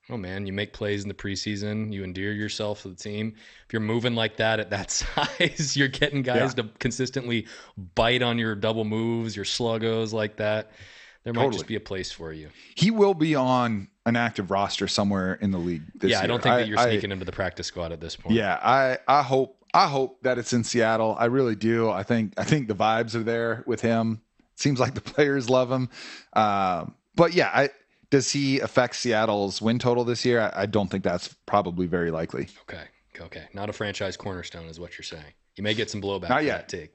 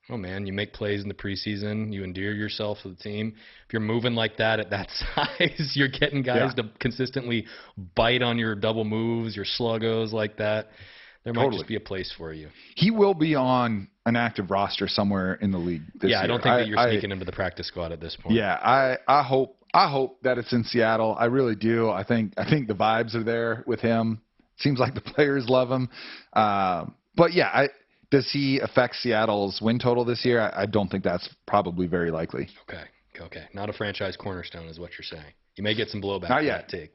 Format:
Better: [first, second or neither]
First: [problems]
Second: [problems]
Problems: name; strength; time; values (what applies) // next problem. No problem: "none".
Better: first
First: garbled, watery; slightly; nothing above 8 kHz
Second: garbled, watery; badly; nothing above 5.5 kHz